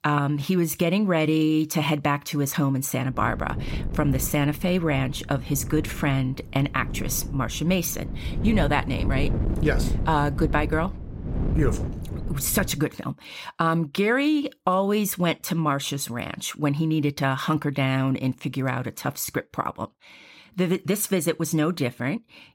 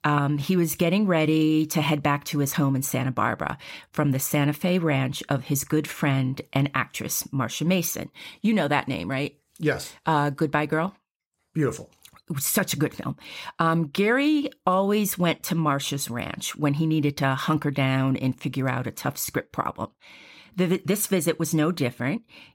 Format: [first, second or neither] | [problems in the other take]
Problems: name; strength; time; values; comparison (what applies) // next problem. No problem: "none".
second | wind noise on the microphone; occasional gusts; from 3 to 13 s; 15 dB below the speech